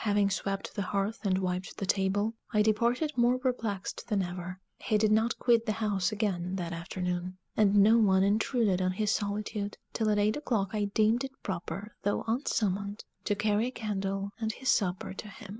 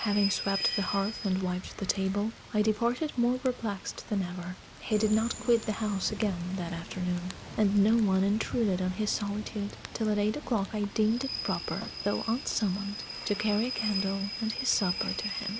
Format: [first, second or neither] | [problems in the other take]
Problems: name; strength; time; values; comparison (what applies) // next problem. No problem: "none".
first | background sound (Rain / Train); 9 dB below the speech